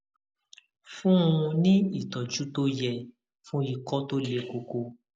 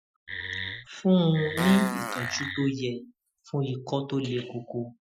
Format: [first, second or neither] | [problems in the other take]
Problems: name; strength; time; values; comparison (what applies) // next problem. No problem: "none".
first | noise reduction (classical method Wiener filter)